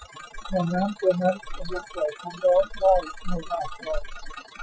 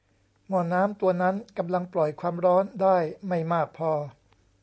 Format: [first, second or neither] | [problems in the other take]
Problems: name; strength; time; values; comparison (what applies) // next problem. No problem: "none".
second | noise reduction (classical method Wiener filter)